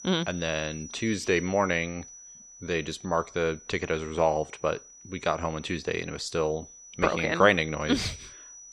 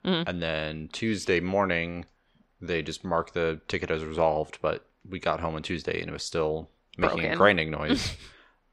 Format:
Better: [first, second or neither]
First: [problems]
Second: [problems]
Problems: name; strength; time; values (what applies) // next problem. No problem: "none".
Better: second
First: high-pitched whine; noticeable; throughout; 6 kHz, 15 dB below the speech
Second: none